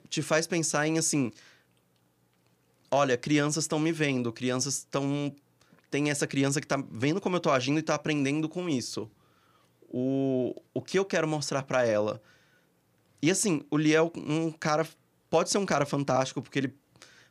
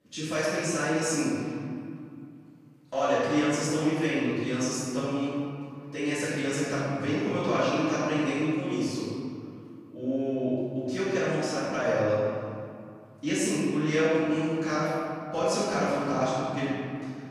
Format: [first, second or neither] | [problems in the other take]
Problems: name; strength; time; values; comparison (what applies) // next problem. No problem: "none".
first | room echo; strong; dies away in 2.3 s // off-mic speech; far